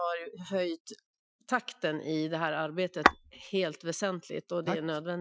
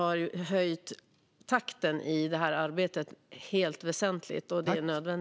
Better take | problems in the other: second | noise reduction (classical method Wiener filter)

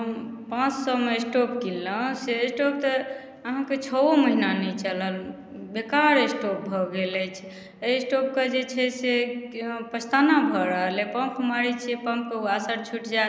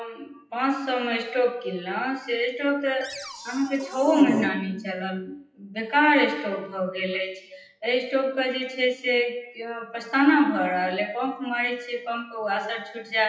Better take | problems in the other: first | noise reduction (classical method WPE with log-MMSE)

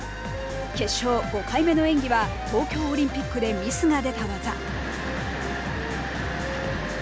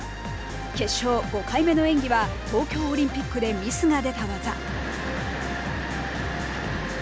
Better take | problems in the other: second | background sound (Wind instrument, woodwind instrument); 13 dB below the speech

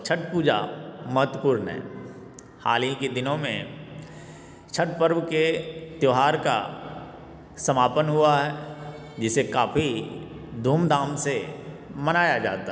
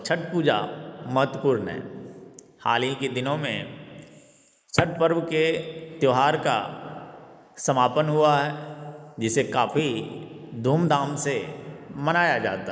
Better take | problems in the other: first | noise reduction (neural mask model Resemble Enhance denoiser)

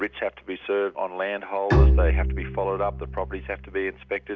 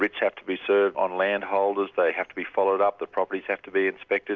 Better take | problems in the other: second | background sound (Bowed string instrument); 3 dB above the speech

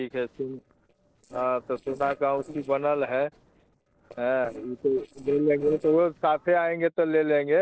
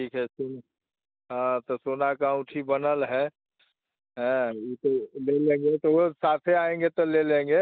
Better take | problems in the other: second | noise reduction (neural separator model SepFormer DNS4)

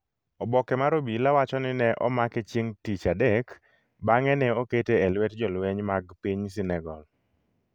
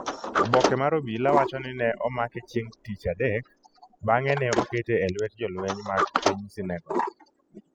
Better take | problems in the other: first | noise reduction (classical method spectral subtraction)

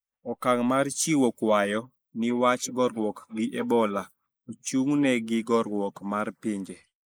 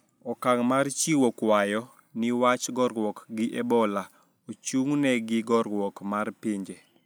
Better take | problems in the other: second | noise reduction (neural mask model Resemble Enhance denoiser)

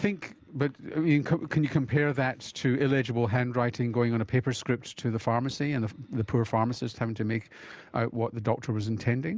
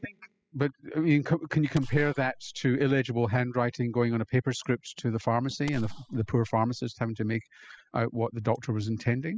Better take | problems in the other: first | noise reduction (classical method spectral subtraction)

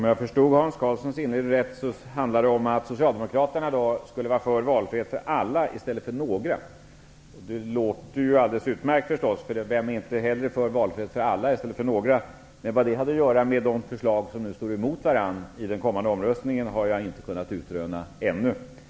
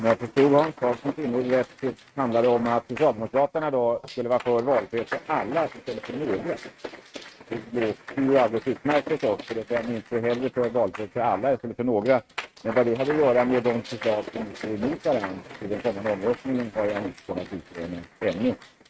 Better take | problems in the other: first | noise reduction (neural mask model RNNoise)

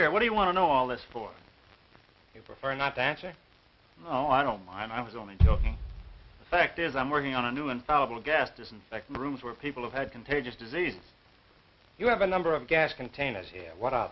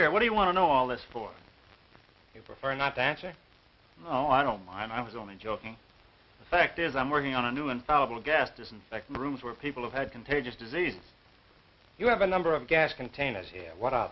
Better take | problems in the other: second | background sound (Bass drum); 7 dB below the speech

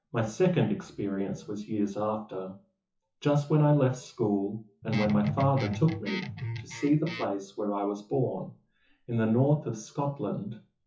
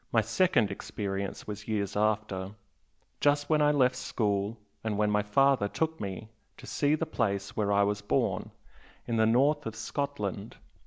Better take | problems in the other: second | noise reduction (classical method WPE with log-MMSE)

